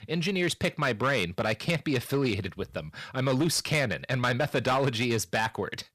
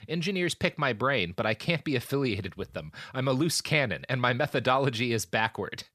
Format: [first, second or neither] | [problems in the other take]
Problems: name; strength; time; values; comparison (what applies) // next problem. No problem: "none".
second | distortion; slight; 7% of the sound clipped